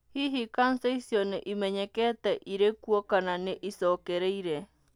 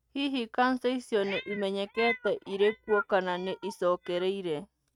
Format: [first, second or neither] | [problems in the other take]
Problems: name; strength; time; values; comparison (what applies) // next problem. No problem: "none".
first | noise reduction (neural mask model RNNoise)